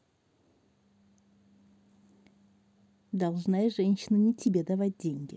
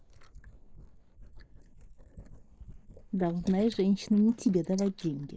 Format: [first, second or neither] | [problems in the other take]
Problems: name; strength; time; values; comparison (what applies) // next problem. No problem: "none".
first | noise reduction (neural mask model Resemble Enhance denoiser)